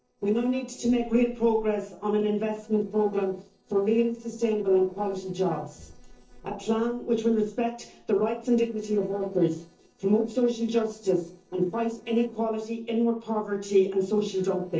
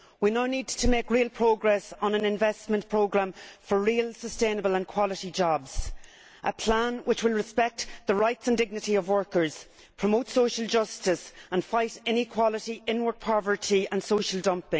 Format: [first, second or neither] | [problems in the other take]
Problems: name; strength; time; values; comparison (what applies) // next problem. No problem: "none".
second | noise reduction (neural separator model SepFormer DNS4)